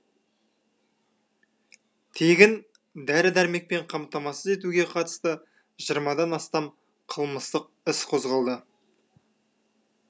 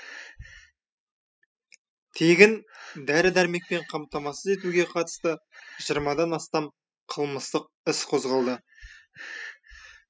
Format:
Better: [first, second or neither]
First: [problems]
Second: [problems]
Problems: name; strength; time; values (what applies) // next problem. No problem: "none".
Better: first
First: none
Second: noise reduction (classical method spectral subtraction)